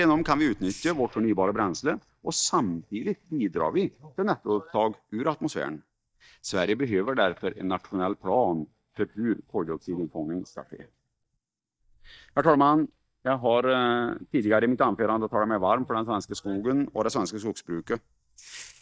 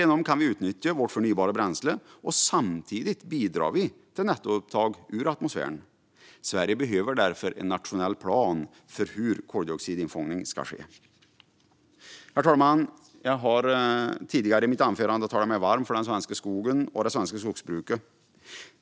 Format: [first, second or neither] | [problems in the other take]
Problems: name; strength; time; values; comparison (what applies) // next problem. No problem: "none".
second | noise reduction (neural mask model DeepFilterNet 3)